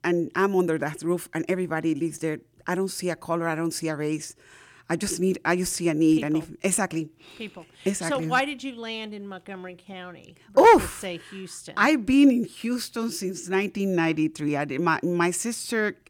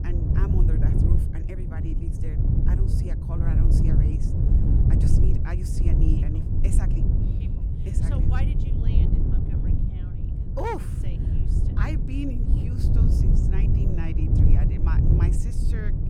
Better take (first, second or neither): first